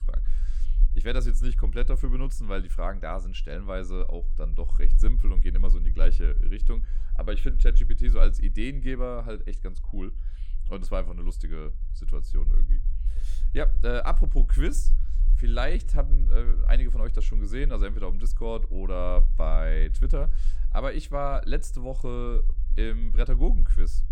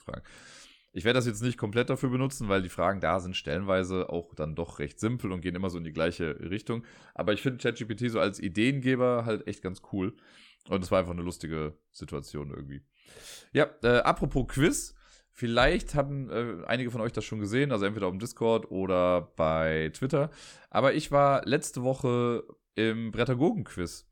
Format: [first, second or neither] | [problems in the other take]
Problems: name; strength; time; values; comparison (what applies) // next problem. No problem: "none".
second | low rumble; noticeable; throughout; 20 dB below the speech